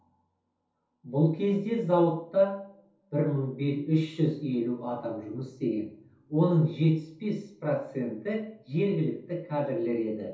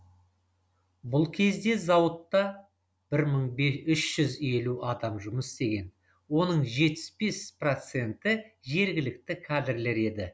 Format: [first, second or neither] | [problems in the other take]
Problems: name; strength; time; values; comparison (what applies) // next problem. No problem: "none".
second | room echo; dies away in 0.6 s